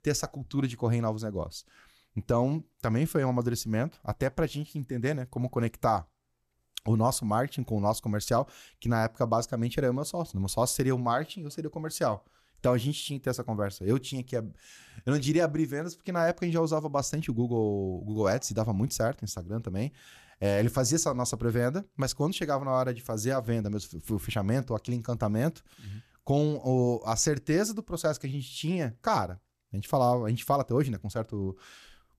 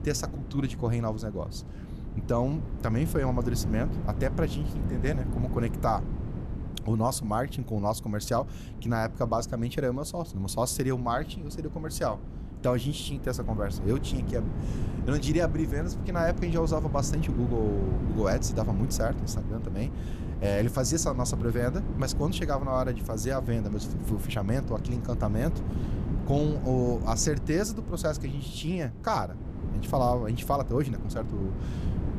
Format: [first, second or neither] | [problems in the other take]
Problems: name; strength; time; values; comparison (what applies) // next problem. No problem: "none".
first | wind noise on the microphone; occasional gusts; 10 dB below the speech